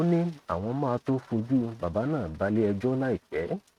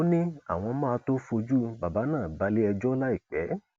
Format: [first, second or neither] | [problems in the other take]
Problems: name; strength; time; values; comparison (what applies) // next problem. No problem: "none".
second | noise reduction (neural mask model RNNoise)